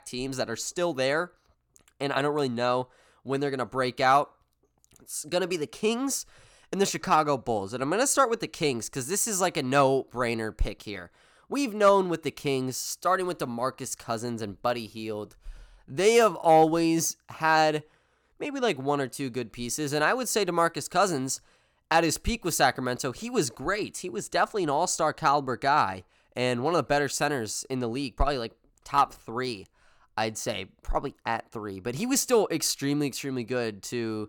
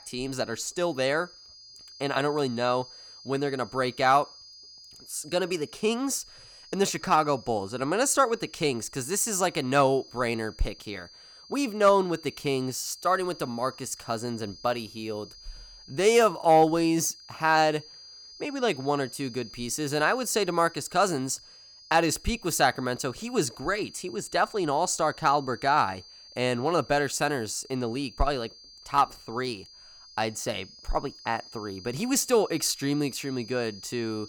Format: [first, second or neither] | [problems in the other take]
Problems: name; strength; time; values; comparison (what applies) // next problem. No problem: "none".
first | high-pitched whine; noticeable; throughout; 5 kHz, 20 dB below the speech